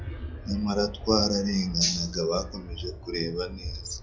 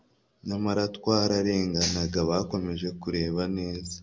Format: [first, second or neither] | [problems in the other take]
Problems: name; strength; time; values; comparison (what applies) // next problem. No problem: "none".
second | noise reduction (classical method log-MMSE)